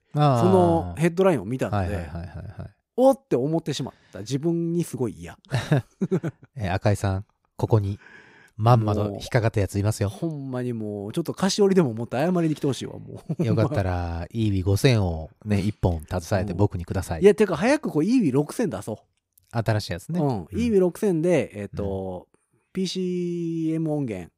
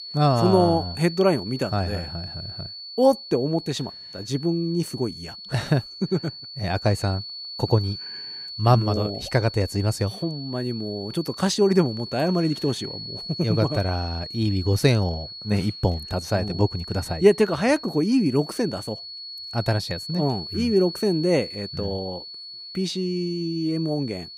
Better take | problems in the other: first | high-pitched whine; noticeable; throughout; 4.5 kHz, 10 dB below the speech

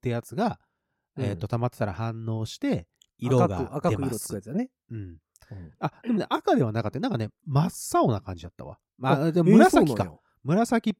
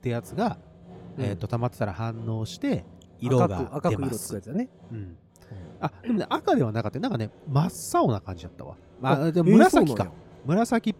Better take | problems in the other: first | machinery noise; faint; throughout; 25 dB below the speech

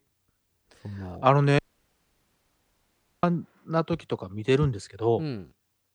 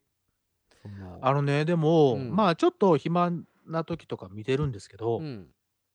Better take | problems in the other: second | audio cutting out; at 1.5 s for 1.5 s

